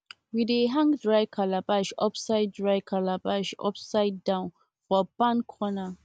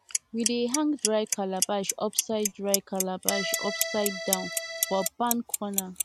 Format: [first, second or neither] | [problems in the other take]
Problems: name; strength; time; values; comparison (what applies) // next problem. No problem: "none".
first | background sound (Accordion + Clock); 2 dB below the speech